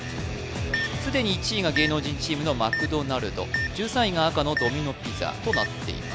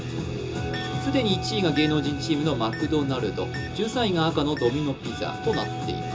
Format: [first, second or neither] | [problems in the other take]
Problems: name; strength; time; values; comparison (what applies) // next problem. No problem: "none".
first | background sound (Wind instrument, woodwind instrument); 15 dB below the speech // room echo; dies away in 0.2 s